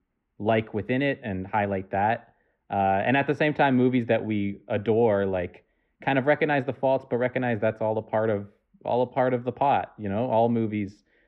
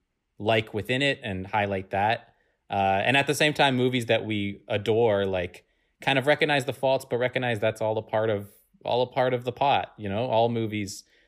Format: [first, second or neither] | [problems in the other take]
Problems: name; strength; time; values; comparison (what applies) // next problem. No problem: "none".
second | muffled; very; fading above 1.5 kHz